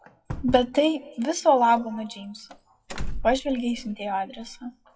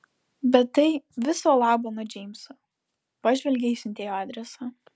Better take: second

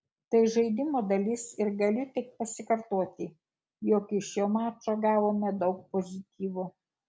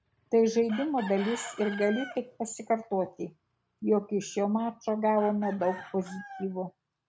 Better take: first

